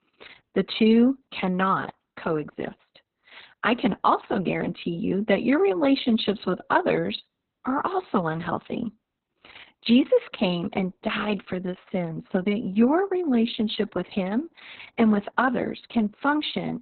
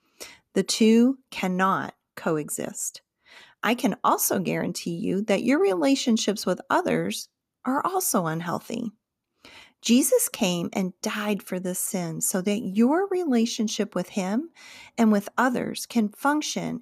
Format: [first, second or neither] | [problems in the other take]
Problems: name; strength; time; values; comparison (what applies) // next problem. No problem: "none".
second | garbled, watery; badly; nothing above 4 kHz